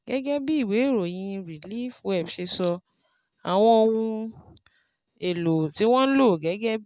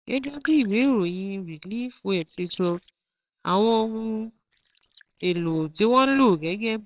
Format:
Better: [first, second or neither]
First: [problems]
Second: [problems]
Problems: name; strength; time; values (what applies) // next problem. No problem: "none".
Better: first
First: none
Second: noise reduction (neural separator model SepFormer WHAMR!)